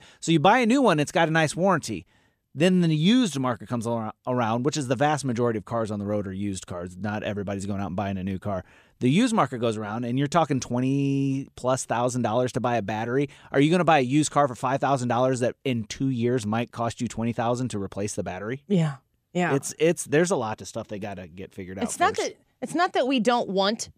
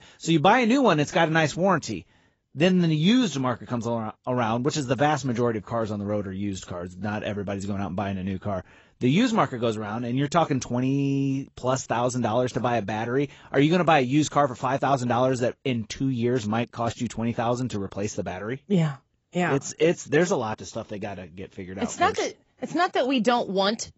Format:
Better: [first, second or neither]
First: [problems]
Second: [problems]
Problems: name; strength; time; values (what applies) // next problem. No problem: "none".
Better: first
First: none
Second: garbled, watery; badly; nothing above 8 kHz